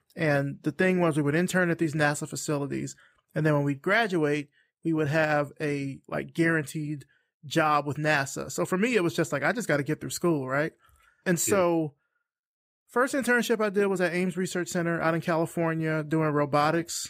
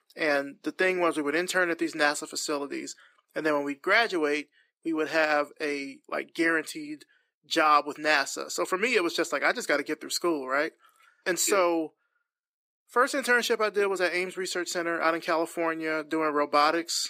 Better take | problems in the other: first | thin; somewhat; fading below 300 Hz

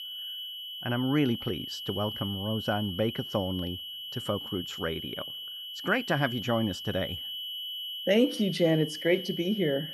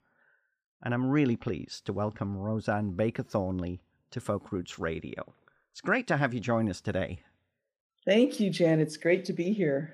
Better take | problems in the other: second | high-pitched whine; loud; throughout; 3 kHz, 6 dB below the speech

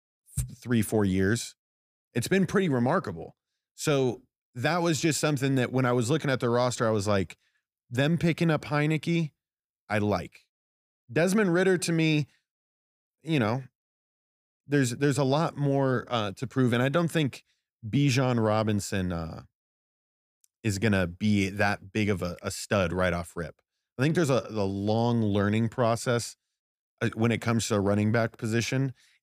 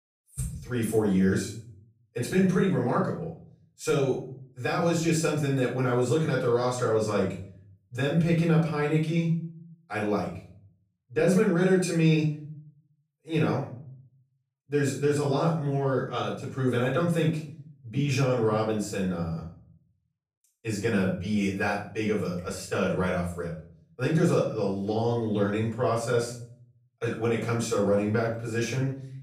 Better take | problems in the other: first | off-mic speech; far // room echo; noticeable; dies away in 0.4 s

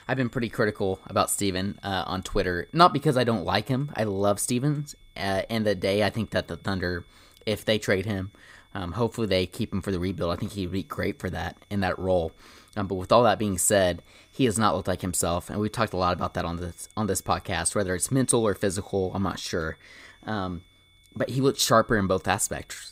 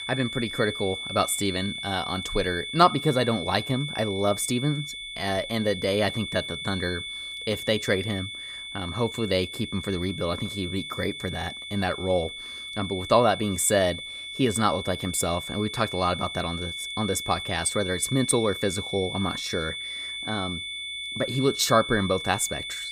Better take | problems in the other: first | high-pitched whine; loud; throughout; 3.5 kHz, 6 dB below the speech; faint in the first

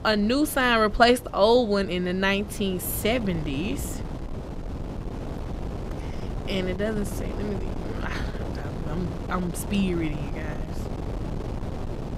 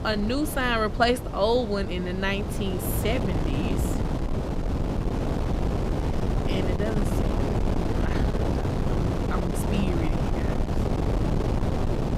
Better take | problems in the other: first | wind noise on the microphone; heavy; 4 dB below the speech; occasional gusts in the first

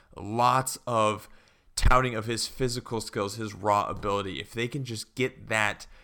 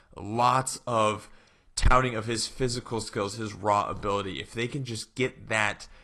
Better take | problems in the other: first | garbled, watery; slightly

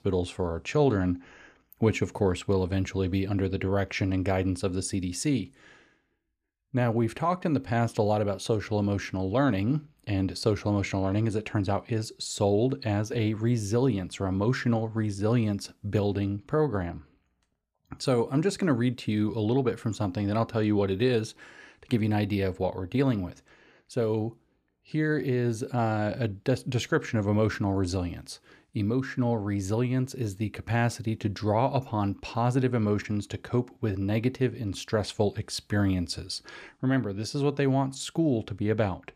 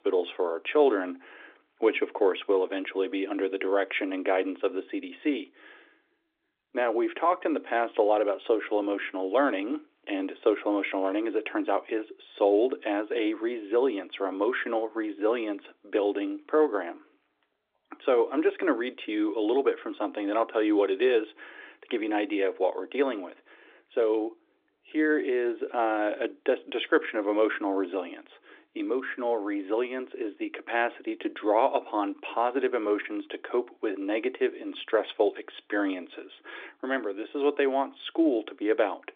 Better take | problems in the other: first | phone-call audio

